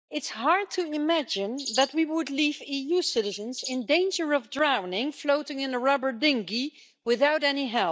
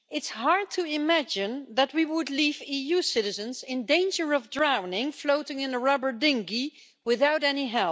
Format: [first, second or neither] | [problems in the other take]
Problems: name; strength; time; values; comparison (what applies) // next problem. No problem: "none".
second | noise reduction (neural mask model DeepFilterNet 3)